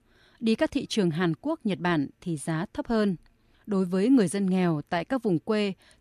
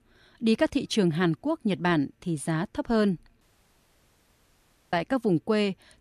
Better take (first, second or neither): first